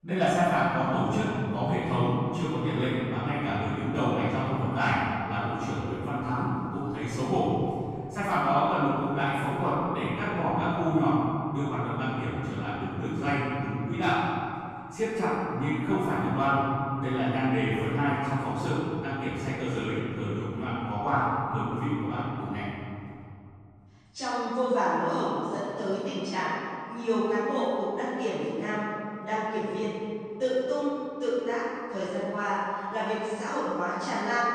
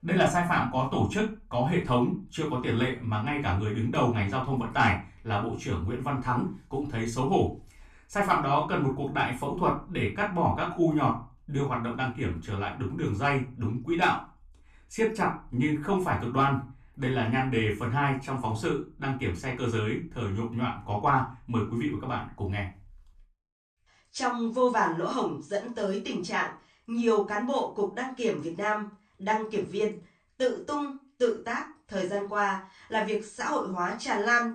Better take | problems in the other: second | room echo; strong; dies away in 2.5 s; slight in the second // off-mic speech; far; far in the second

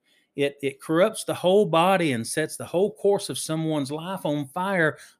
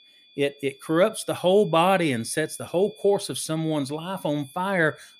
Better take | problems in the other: first | high-pitched whine; faint; throughout; 3.5 kHz, 25 dB below the speech

